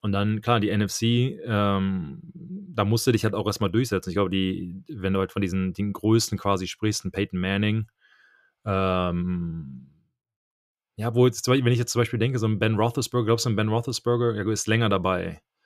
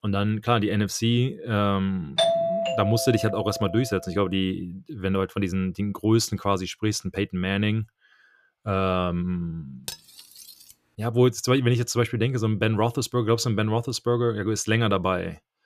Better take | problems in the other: first | doorbell; loud; from 2 to 3.5 s; peak 3 dB above the speech // clattering dishes; faint; at 10 s; peak 10 dB below the speech

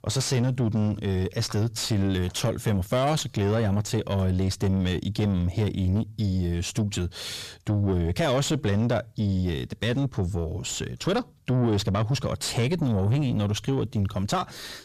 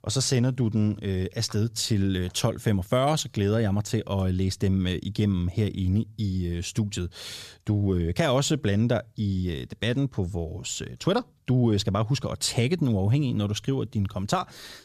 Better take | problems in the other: second | distortion; slight; 10 dB below the speech

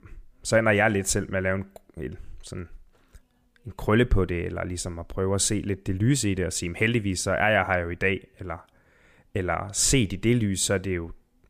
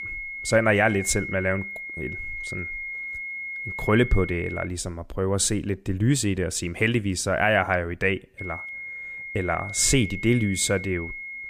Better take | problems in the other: first | high-pitched whine; loud; until 4.5 s and from 8.5 s on; 2 kHz, 9 dB below the speech

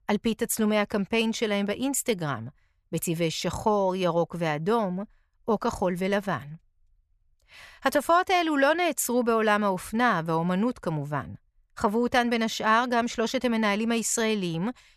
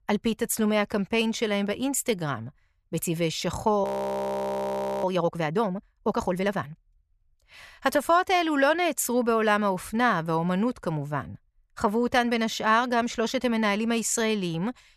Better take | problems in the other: first | audio freezing; at 4 s for 1 s

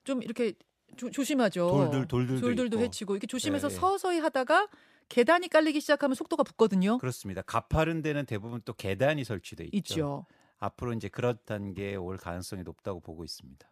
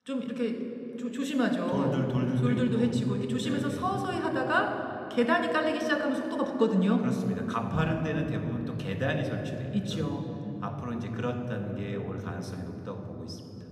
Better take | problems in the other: first | room echo; noticeable; dies away in 3 s

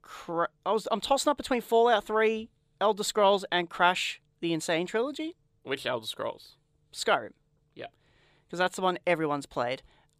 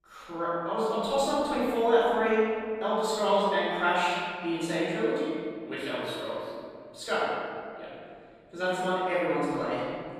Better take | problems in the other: first | off-mic speech; far // room echo; strong; dies away in 2.2 s

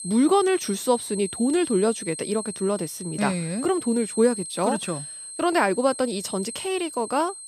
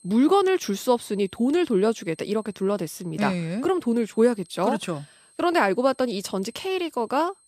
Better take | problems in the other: second | high-pitched whine; loud; throughout; 8.5 kHz, 9 dB below the speech; faint in the second

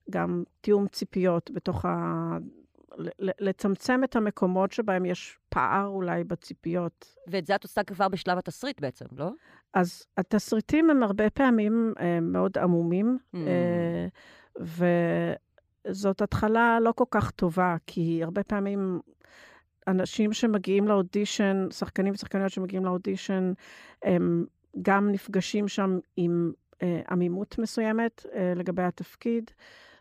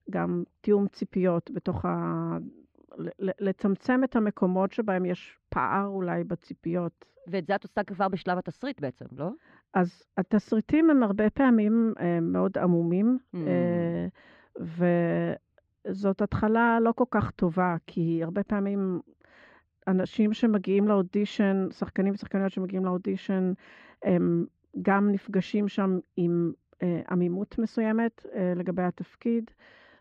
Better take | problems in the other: first | muffled; slightly; fading above 3 kHz

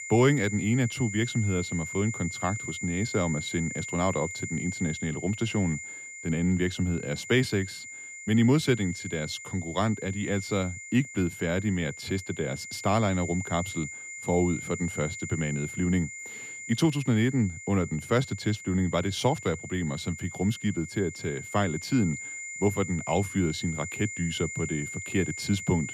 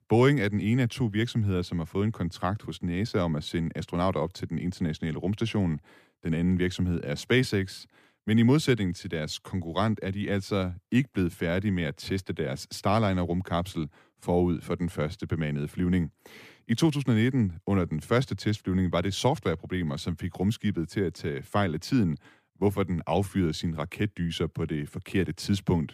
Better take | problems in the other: second | high-pitched whine; loud; throughout; 2 kHz, 9 dB below the speech

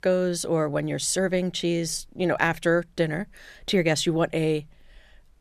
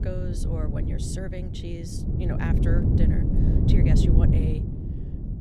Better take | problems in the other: first | wind noise on the microphone; heavy; 3 dB above the speech

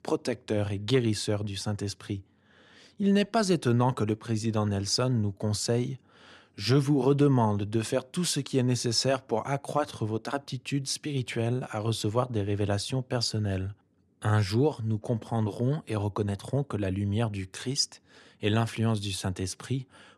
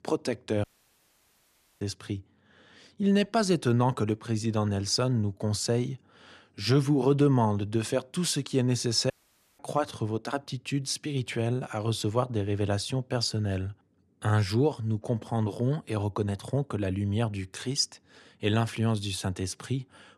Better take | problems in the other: first | audio cutting out; at 0.5 s for 1 s and at 9 s

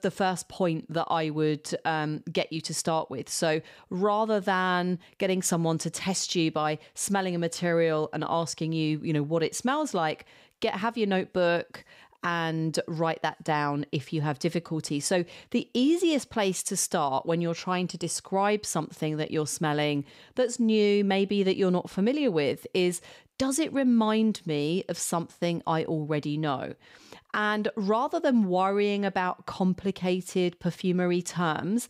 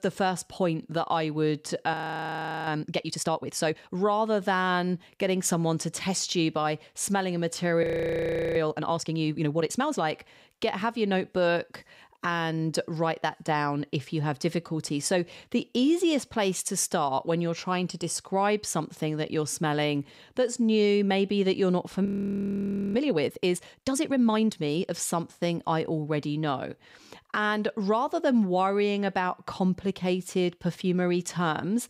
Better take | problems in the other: first | audio freezing; at 2 s for 0.5 s, at 8 s for 0.5 s and at 22 s for 1 s

